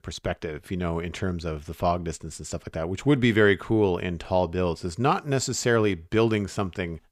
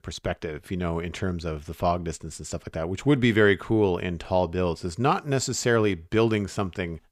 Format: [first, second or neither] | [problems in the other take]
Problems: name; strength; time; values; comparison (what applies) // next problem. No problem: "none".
neither | none